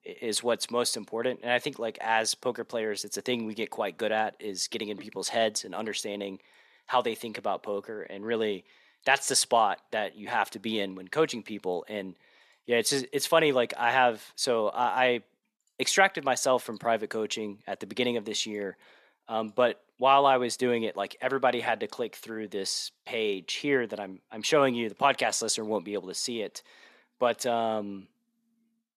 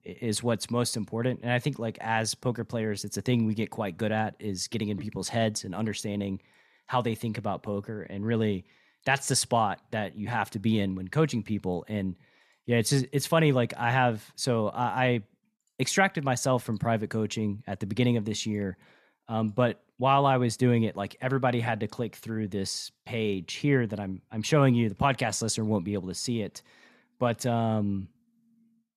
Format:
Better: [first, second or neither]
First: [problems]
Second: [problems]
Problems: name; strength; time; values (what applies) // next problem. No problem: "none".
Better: second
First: thin; somewhat; fading below 450 Hz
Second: none